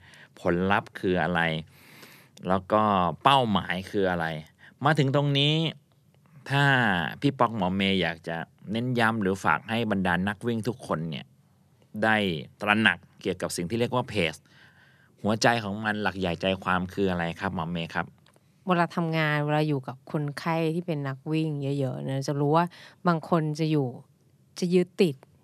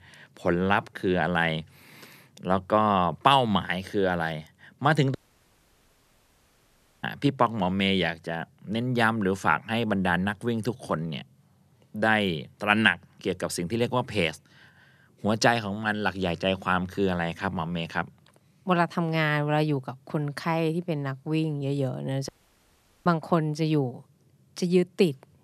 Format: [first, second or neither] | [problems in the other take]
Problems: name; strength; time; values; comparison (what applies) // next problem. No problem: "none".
first | audio cutting out; at 5 s for 2 s and at 22 s for 1 s